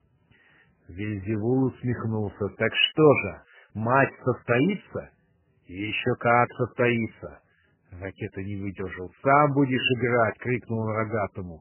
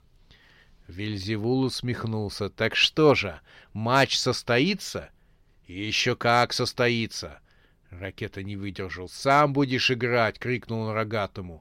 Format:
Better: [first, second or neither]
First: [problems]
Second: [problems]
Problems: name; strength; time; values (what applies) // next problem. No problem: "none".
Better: second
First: garbled, watery; badly; nothing above 3 kHz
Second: none